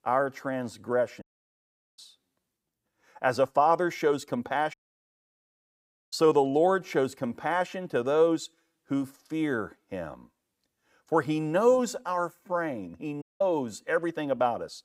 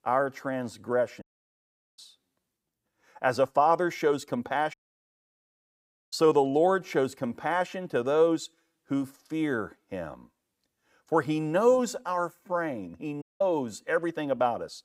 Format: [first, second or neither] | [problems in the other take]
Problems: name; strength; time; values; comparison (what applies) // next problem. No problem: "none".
neither | audio cutting out; at 1 s for 1 s, at 4.5 s for 1.5 s and at 13 s; the same in both